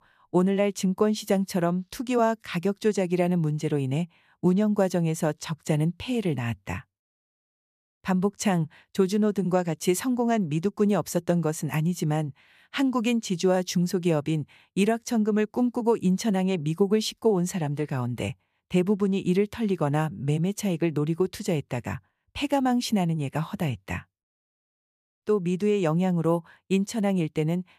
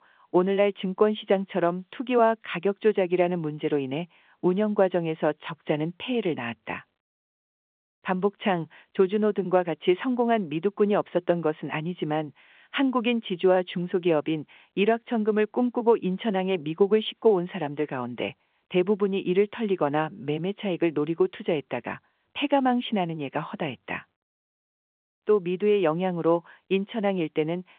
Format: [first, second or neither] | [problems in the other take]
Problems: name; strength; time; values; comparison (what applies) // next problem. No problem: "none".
first | phone-call audio; nothing above 3.5 kHz